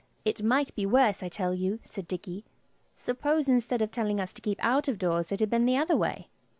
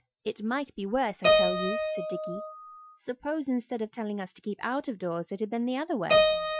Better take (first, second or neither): first